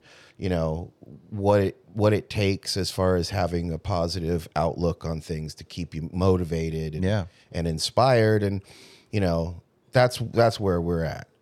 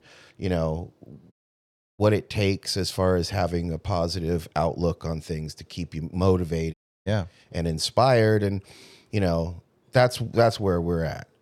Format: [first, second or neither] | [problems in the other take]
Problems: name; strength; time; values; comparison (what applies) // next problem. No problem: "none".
first | audio cutting out; at 1.5 s for 0.5 s and at 6.5 s